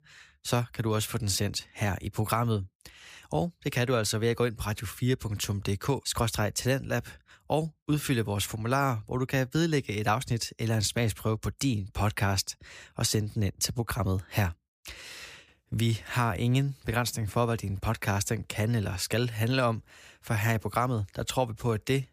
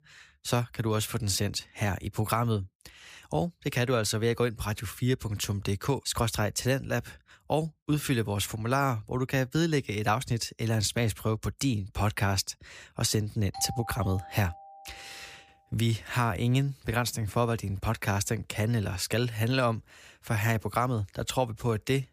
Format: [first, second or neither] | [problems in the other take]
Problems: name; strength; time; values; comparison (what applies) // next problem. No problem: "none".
first | doorbell; faint; from 14 to 15 s; peak 10 dB below the speech